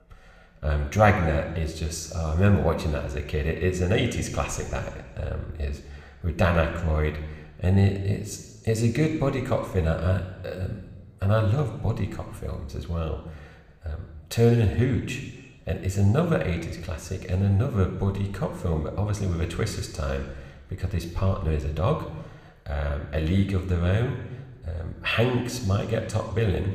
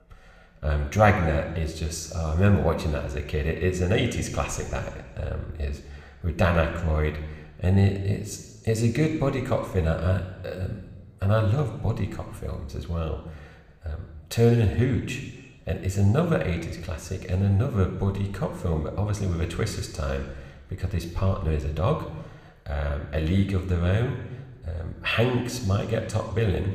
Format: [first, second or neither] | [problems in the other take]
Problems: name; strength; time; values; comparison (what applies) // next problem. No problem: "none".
neither | room echo; slight; dies away in 1.1 s; the same in both